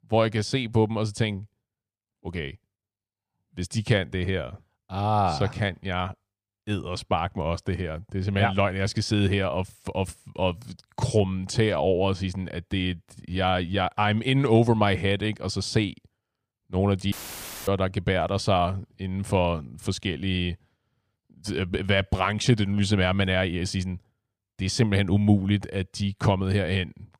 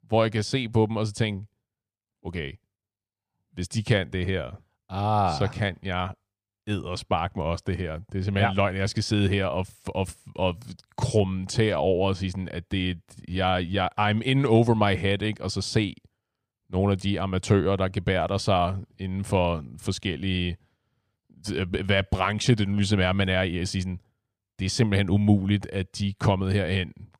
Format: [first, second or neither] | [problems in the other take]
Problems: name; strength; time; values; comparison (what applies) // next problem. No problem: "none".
second | audio cutting out; filled with static; at 17 s for 0.5 s